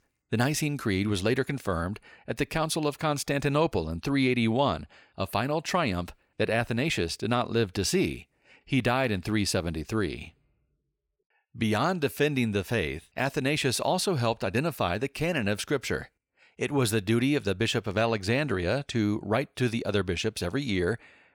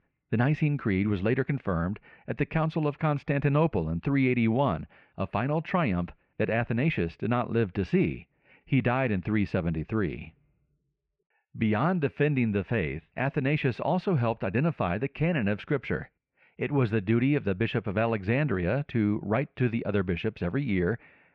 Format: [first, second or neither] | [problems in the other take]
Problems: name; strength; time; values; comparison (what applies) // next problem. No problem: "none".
first | muffled; very; fading above 2.5 kHz